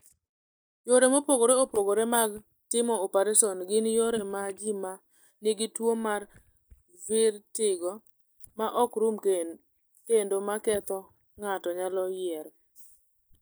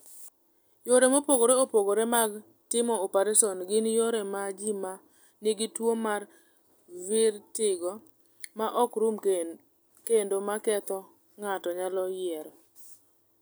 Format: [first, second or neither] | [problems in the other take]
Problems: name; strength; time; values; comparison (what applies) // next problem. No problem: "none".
second | noise reduction (neural mask model DeepFilterNet 3)